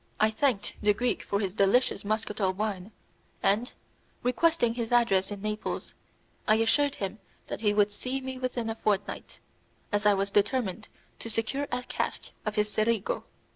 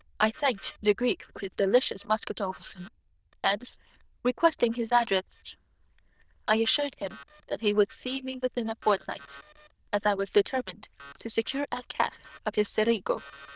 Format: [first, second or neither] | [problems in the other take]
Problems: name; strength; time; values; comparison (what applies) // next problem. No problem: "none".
first | noise reduction (neural diffusion model UNIVERSE++)